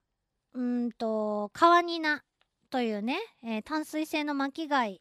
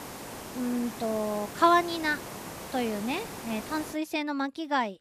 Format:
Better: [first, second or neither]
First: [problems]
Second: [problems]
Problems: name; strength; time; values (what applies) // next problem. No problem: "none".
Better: first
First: none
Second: hiss; noticeable; until 4 s; 10 dB below the speech